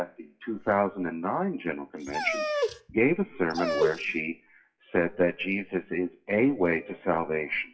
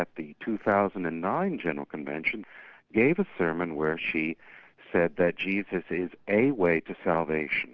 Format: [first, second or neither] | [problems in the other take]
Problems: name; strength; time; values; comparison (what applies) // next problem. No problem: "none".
second | noise reduction (classical method WPE with log-MMSE)